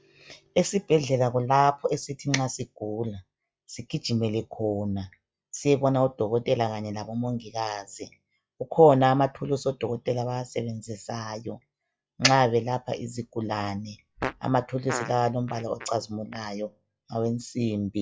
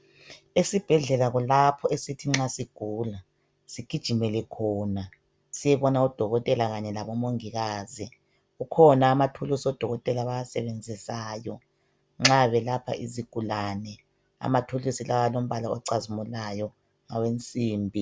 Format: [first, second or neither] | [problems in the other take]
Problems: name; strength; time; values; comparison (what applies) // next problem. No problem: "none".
second | noise reduction (classical method log-MMSE)